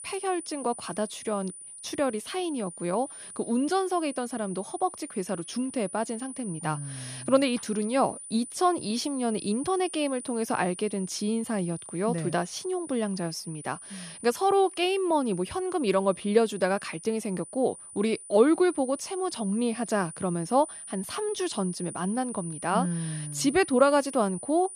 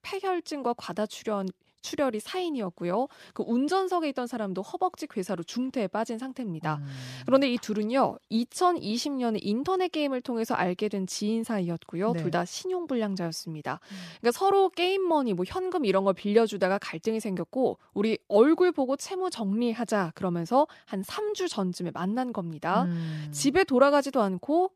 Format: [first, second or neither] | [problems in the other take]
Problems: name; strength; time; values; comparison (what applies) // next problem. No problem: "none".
second | high-pitched whine; noticeable; throughout; 9.5 kHz, 10 dB below the speech